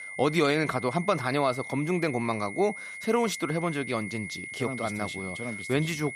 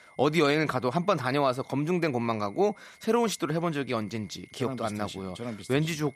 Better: second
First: high-pitched whine; loud; throughout; 2 kHz, 9 dB below the speech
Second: high-pitched whine; faint; throughout; 2 kHz, 30 dB below the speech

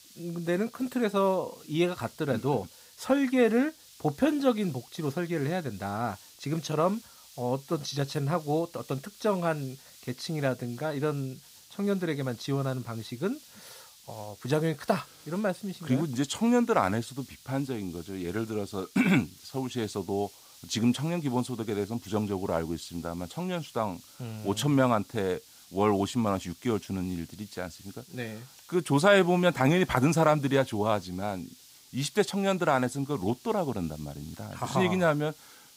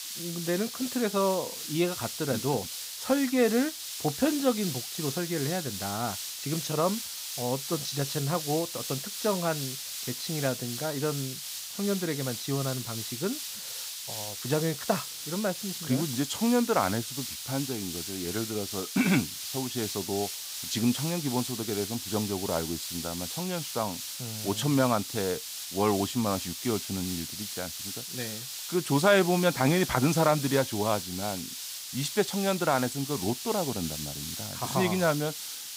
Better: first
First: hiss; faint; throughout; 20 dB below the speech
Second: hiss; loud; throughout; 5 dB below the speech

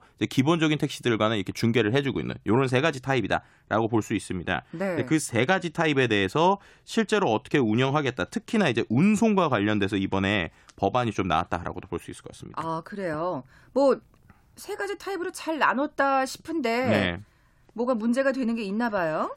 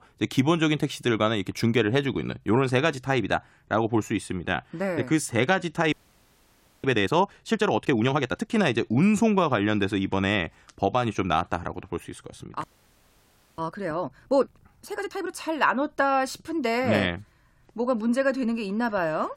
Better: first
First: none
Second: audio freezing; at 6 s for 1 s and at 13 s for 1 s

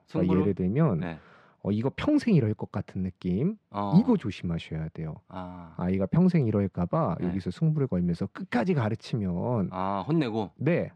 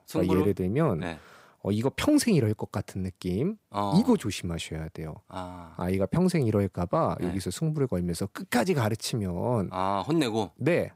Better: second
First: muffled; slightly; fading above 3 kHz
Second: none

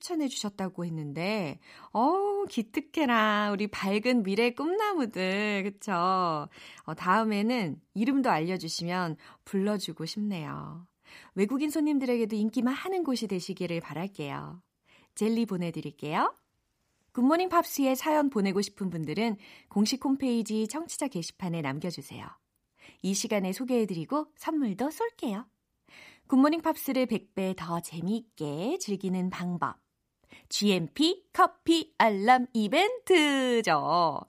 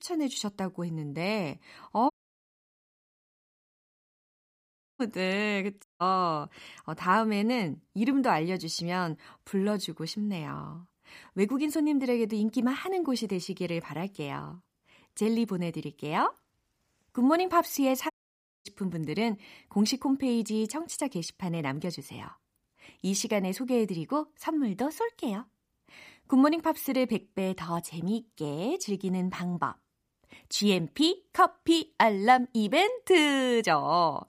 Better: first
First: none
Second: audio cutting out; at 2 s for 3 s, at 6 s and at 18 s for 0.5 s

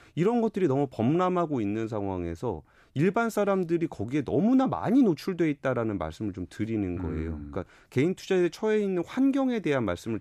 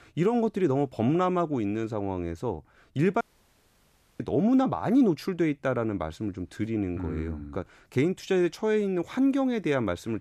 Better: first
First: none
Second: audio cutting out; at 3 s for 1 s

